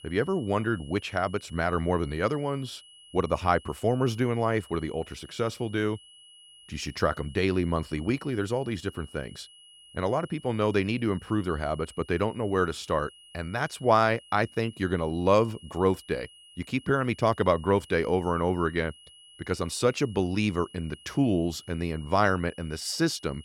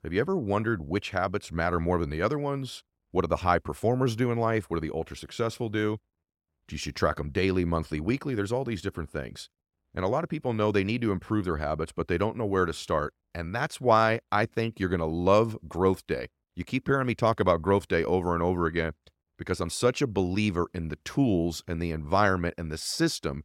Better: second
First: high-pitched whine; faint; throughout; 3 kHz, 20 dB below the speech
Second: none

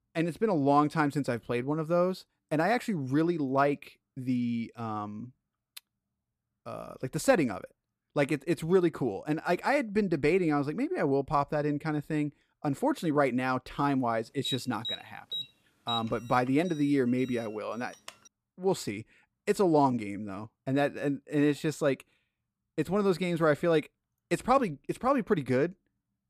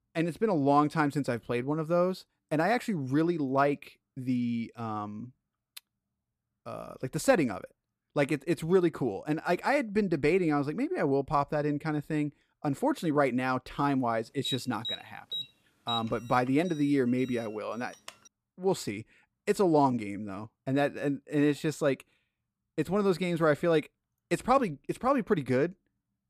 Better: neither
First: alarm; noticeable; from 14 to 18 s; peak 6 dB below the speech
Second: alarm; noticeable; from 14 to 18 s; peak 6 dB below the speech

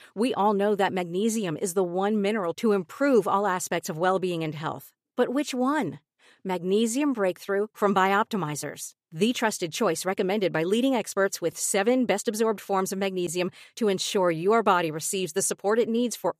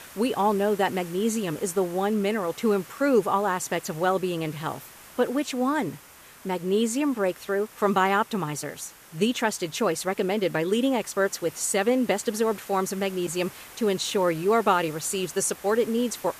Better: first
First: none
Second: hiss; noticeable; throughout; 20 dB below the speech

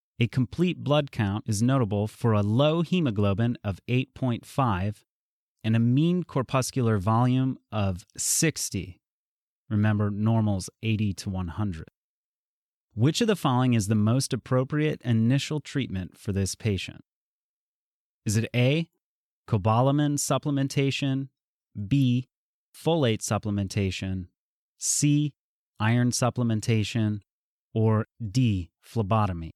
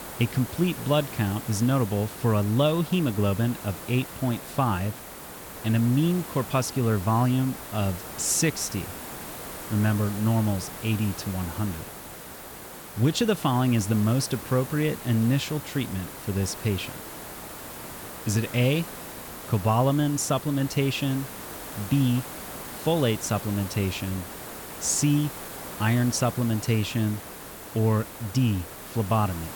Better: first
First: none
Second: hiss; noticeable; throughout; 10 dB below the speech

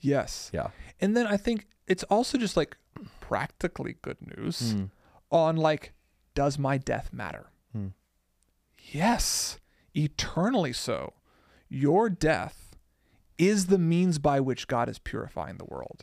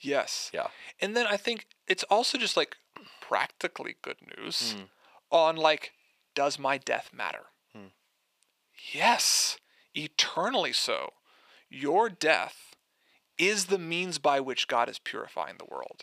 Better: first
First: none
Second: thin; somewhat; fading below 450 Hz

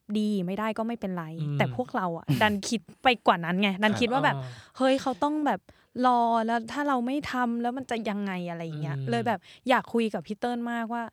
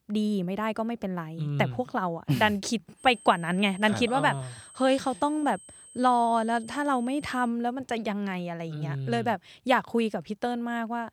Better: first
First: none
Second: high-pitched whine; faint; from 3 to 7.5 s; 8.5 kHz, 20 dB below the speech

